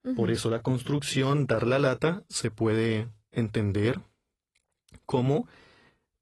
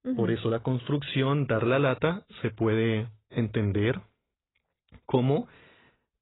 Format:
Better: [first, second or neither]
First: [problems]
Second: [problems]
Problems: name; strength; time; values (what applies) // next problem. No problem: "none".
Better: first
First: garbled, watery; slightly; nothing above 11 kHz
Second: garbled, watery; badly; nothing above 4 kHz